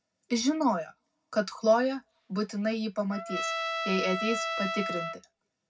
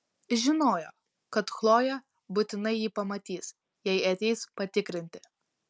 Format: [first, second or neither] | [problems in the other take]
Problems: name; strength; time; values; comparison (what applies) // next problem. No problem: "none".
second | background sound (Trumpet); 5 dB below the speech // room echo; dies away in 0.4 s